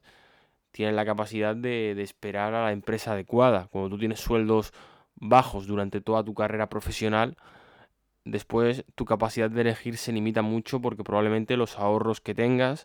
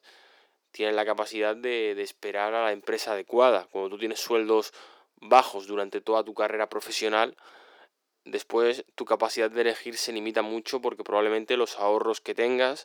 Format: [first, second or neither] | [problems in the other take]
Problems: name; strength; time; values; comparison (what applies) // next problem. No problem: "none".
first | thin; somewhat; fading below 350 Hz